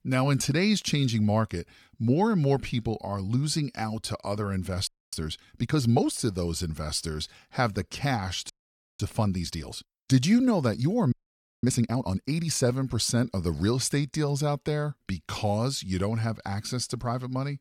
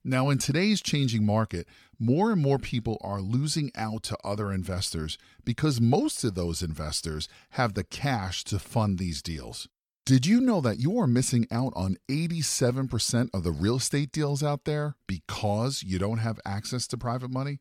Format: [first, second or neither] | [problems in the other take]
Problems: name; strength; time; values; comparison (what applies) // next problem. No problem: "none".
second | audio freezing; at 5 s, at 8.5 s and at 11 s for 0.5 s